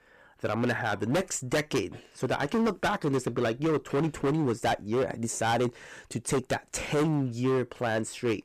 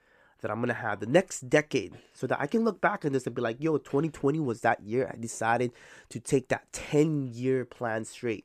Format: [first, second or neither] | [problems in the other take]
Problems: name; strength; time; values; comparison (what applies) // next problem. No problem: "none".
second | distortion; heavy; 16% of the sound clipped